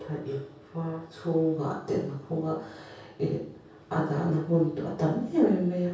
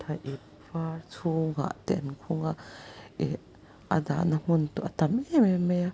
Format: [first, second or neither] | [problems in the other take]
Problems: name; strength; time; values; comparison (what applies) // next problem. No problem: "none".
second | room echo; dies away in 0.6 s